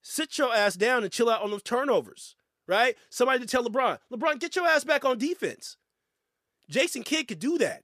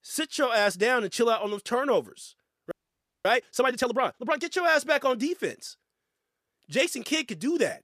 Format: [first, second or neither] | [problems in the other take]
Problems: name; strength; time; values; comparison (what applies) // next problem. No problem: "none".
first | audio freezing; at 2.5 s for 0.5 s